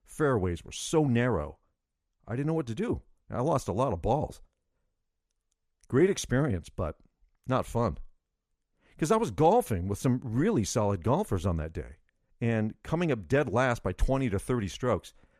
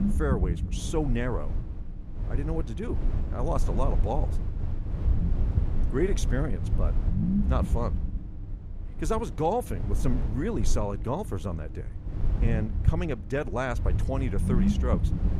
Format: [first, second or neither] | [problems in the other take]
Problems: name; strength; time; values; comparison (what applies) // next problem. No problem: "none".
first | low rumble; loud; throughout; 9 dB below the speech